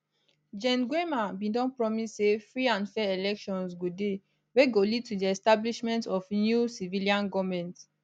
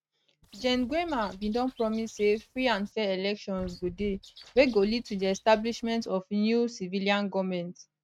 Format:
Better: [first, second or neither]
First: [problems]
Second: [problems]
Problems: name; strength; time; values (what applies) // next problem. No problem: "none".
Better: first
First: none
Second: noise reduction (neural mask model RNNoise)